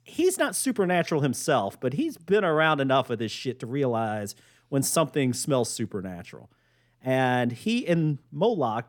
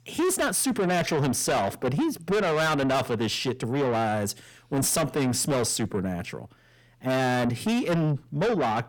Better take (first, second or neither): first